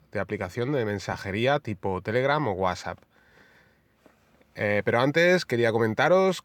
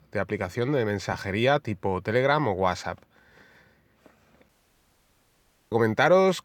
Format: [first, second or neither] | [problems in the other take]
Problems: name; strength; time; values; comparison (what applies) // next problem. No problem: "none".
first | audio cutting out; at 4.5 s for 1 s